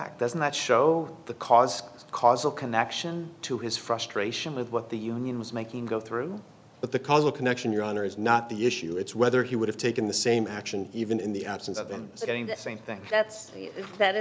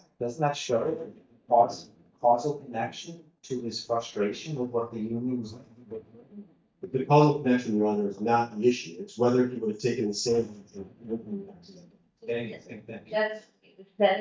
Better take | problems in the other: first | noise reduction (neural mask model DeepFilterNet 3)

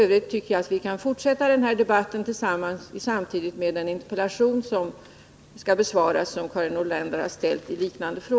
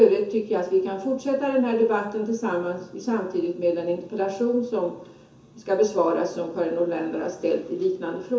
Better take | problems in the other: first | room echo; dies away in 0.7 s

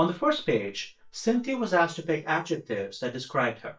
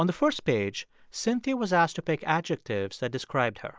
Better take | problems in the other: second | noise reduction (neural mask model DeepFilterNet 3)

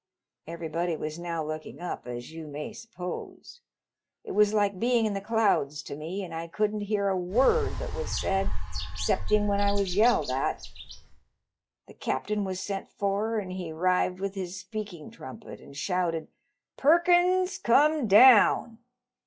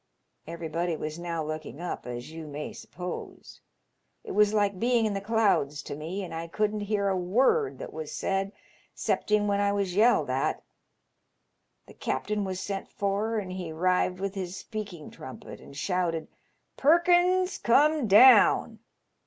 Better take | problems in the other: second | noise reduction (classical method log-MMSE)

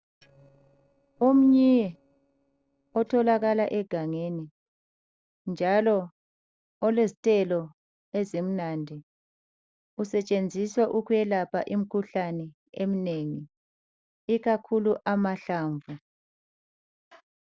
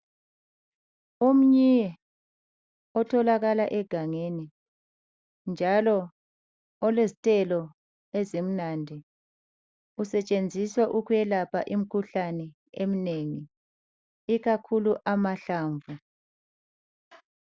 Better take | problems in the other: second | noise reduction (neural separator model SepFormer DNS4)

